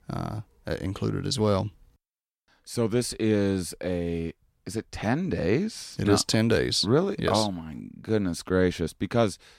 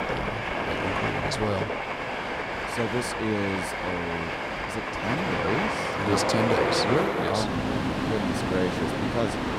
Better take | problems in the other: first | train or aircraft noise; very loud; throughout; 3 dB above the speech

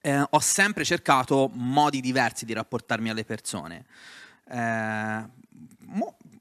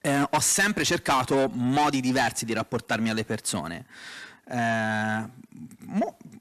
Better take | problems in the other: first | distortion; heavy; 7 dB below the speech

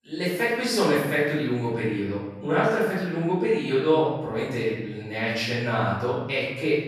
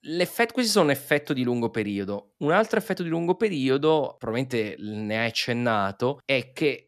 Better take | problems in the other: second | off-mic speech; far // room echo; strong; dies away in 1.1 s

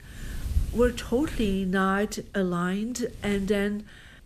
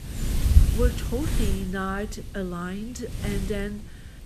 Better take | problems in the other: first | wind noise on the microphone; heavy; 6 dB below the speech; occasional gusts in the first

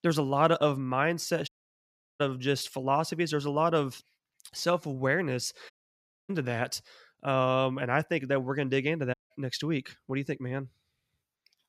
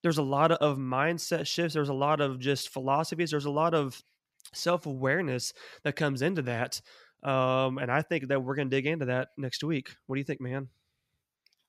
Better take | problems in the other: second | audio cutting out; at 1.5 s for 0.5 s, at 5.5 s for 0.5 s and at 9 s

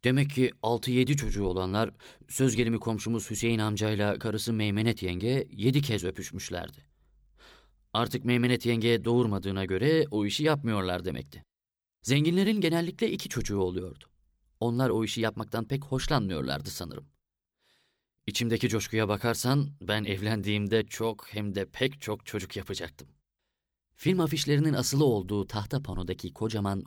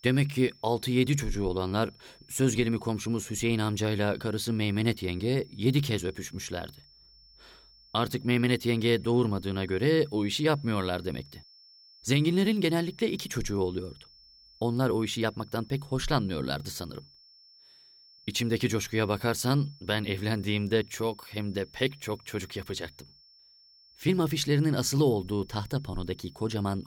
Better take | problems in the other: first | high-pitched whine; faint; throughout; 5.5 kHz, 25 dB below the speech

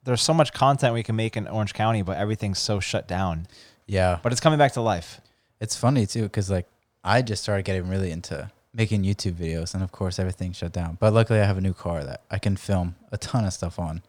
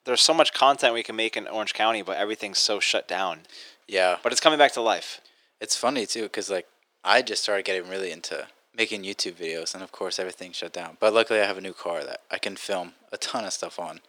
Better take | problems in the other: first | thin; very; fading below 350 Hz

